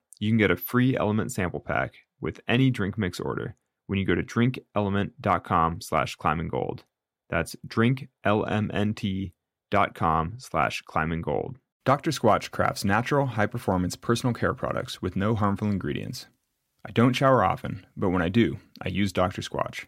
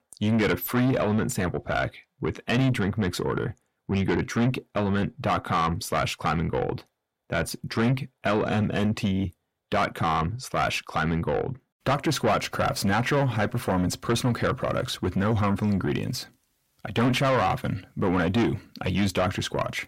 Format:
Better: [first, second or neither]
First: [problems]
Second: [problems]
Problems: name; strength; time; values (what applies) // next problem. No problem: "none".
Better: first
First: none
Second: distortion; heavy; 6 dB below the speech